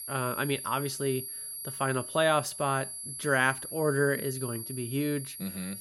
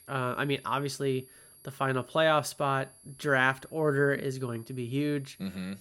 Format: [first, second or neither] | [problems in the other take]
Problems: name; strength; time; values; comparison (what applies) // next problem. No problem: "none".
second | high-pitched whine; loud; throughout; 11 kHz, 7 dB below the speech; faint in the second